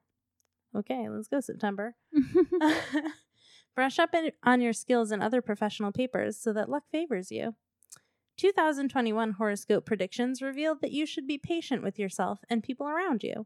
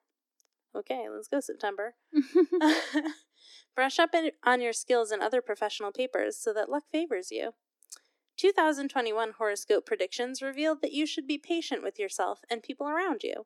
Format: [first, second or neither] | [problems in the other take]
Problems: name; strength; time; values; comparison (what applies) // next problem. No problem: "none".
first | thin; very slightly; fading below 300 Hz